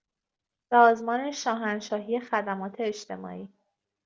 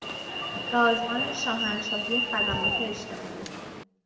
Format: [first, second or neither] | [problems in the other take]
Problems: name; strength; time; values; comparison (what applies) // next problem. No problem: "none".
first | background sound (Alarm); as loud as the speech // room echo; dies away in 0.9 s